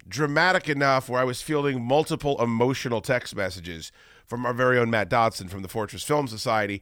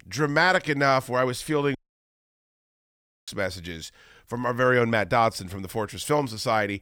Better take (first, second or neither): first